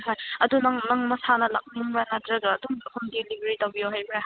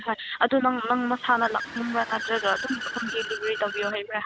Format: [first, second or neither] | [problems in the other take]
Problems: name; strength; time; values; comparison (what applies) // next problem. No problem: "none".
first | background sound (Accelerating, revving, vroom / Car); 9 dB below the speech